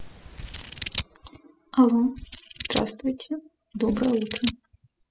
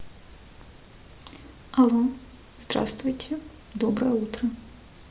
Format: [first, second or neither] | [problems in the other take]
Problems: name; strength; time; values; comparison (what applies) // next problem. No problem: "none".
second | noise reduction (classical method spectral subtraction)